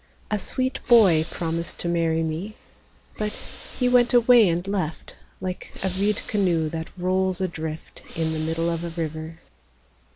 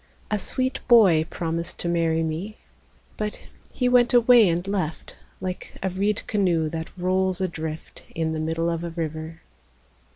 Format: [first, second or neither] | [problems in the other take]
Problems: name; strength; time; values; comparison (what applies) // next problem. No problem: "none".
second | background sound (Hiss / Breathing); 20 dB below the speech